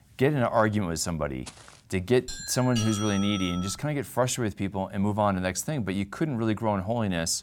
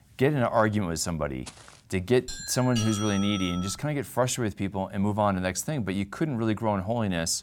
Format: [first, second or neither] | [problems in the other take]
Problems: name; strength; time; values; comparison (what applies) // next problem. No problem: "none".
neither | footsteps; faint; at 1.5 s; peak 20 dB below the speech; the same in both // doorbell; noticeable; from 2.5 to 4 s; peak 6 dB below the speech; the same in both